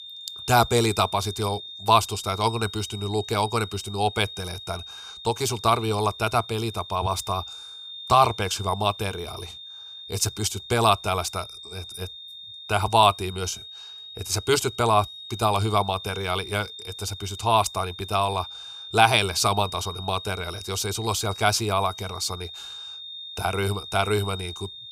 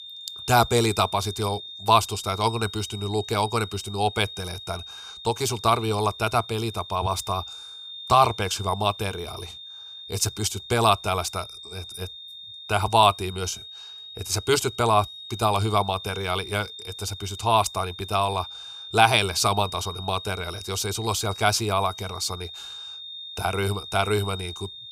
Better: neither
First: high-pitched whine; noticeable; throughout; 3.5 kHz, 15 dB below the speech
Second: high-pitched whine; noticeable; throughout; 3.5 kHz, 15 dB below the speech

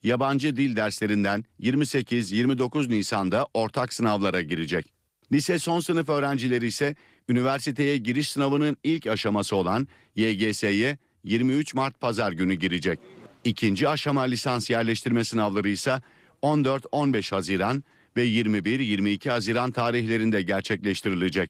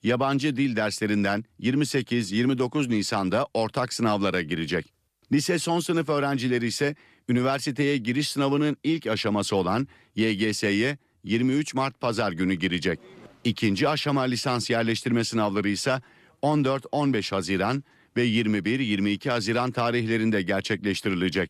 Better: second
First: garbled, watery; slightly; nothing above 15.5 kHz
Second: none

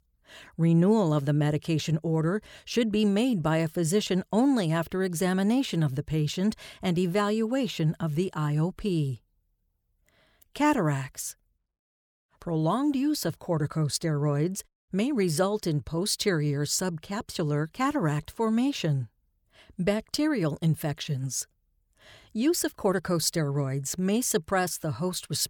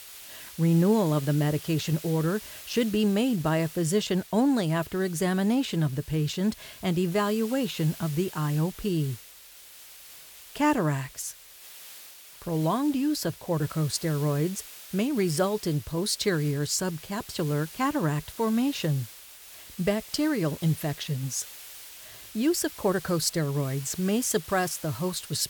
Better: first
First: none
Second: hiss; noticeable; throughout; 15 dB below the speech

